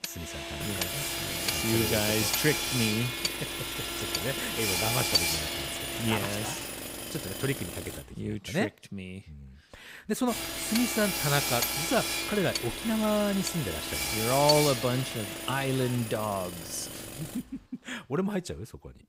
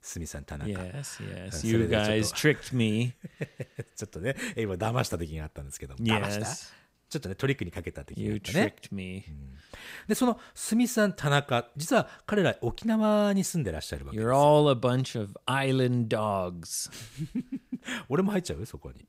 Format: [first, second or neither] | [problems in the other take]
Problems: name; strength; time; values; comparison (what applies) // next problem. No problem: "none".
second | machinery noise; very loud; throughout; 1 dB above the speech